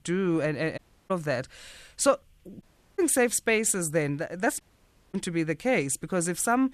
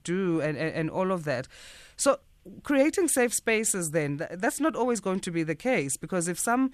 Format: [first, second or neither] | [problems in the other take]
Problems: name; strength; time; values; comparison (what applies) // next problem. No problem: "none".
second | audio cutting out; at 1 s, at 2.5 s and at 4.5 s for 0.5 s